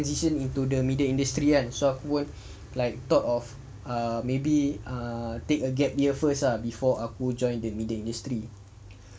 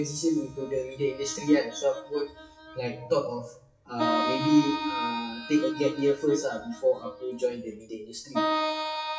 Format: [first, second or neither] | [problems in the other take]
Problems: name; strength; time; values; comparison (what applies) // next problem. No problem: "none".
first | noise reduction (classical method WPE with log-MMSE)